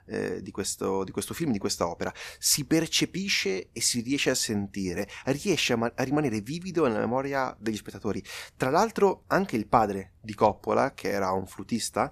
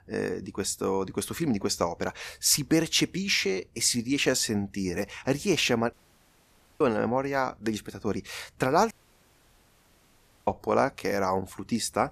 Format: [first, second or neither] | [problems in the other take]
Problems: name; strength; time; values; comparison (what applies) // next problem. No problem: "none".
first | audio cutting out; at 6 s for 1 s and at 9 s for 1.5 s